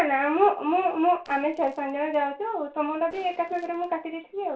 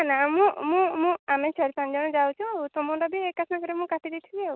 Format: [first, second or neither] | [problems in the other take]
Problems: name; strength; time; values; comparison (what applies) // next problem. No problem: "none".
second | noise reduction (neural separator model SepFormer DNS4)